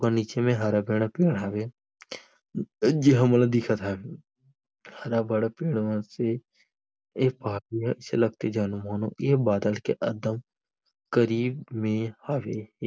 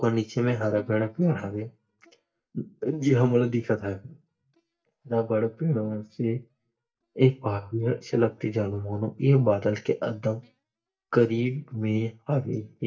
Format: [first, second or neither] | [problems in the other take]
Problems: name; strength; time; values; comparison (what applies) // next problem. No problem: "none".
first | noise reduction (neural mask model DeepFilterNet 3)